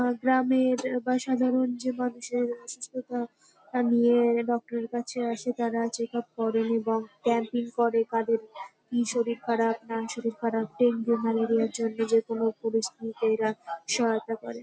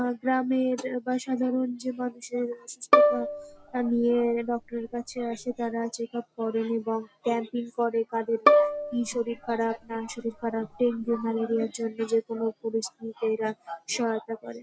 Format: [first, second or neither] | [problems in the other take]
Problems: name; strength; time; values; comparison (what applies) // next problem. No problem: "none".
first | background sound (Bowed string instrument); 1 dB above the speech